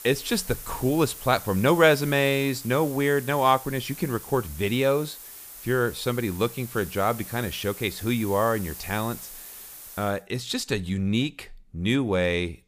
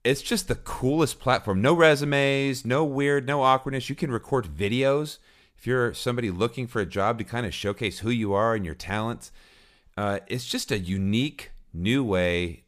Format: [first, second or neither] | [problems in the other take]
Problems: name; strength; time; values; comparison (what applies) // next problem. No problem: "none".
second | hiss; noticeable; until 10 s; 15 dB below the speech